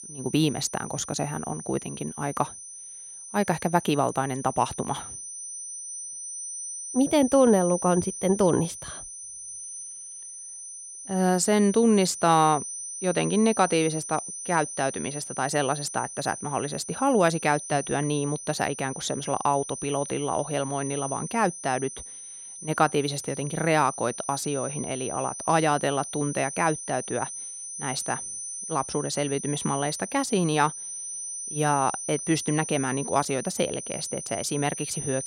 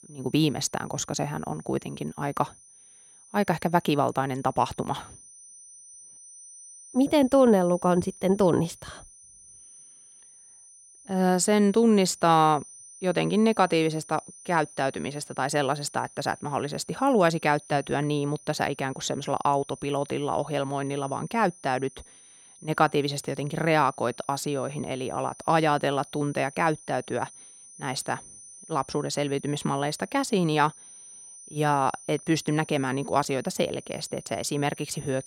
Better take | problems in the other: second | high-pitched whine; loud; throughout; 6 kHz, 8 dB below the speech; faint in the second

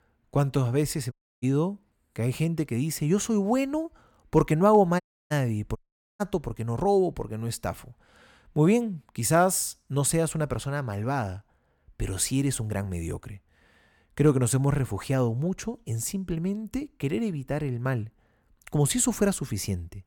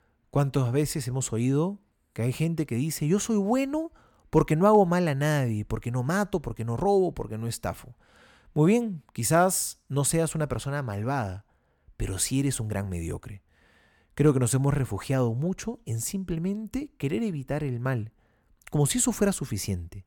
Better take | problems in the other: second | audio cutting out; at 1 s, at 5 s and at 6 s

